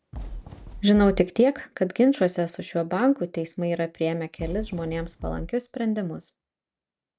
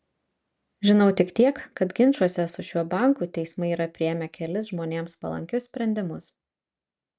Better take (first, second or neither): second